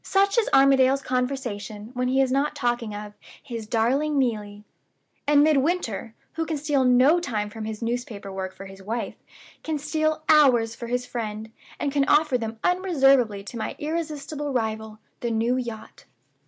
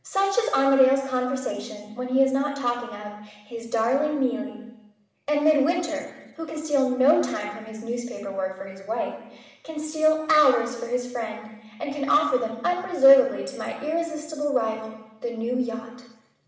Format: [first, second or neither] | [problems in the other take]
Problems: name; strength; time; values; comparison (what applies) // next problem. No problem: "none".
first | room echo; dies away in 0.9 s